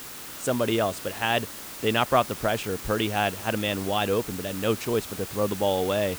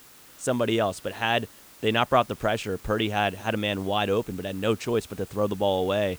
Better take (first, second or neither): second